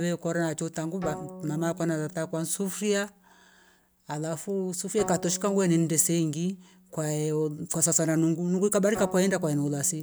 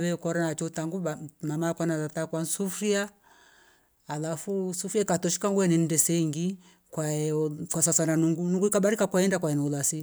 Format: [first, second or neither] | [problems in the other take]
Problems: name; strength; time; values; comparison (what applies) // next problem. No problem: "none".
second | background sound (Bowed string instrument); 17 dB below the speech